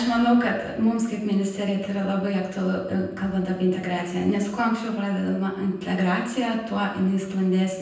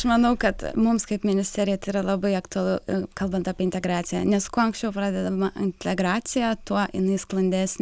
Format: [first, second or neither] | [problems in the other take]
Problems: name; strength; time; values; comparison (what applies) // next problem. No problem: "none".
second | room echo; dies away in 0.9 s